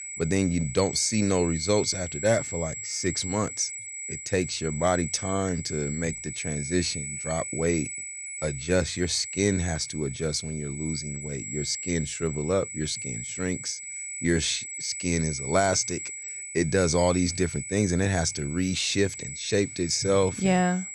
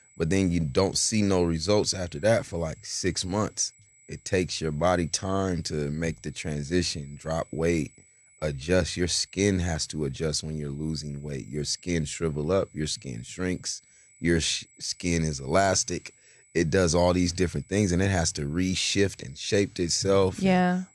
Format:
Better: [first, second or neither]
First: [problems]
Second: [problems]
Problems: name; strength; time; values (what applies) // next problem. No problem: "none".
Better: second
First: high-pitched whine; loud; throughout; 8 kHz, 7 dB below the speech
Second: high-pitched whine; faint; throughout; 8 kHz, 30 dB below the speech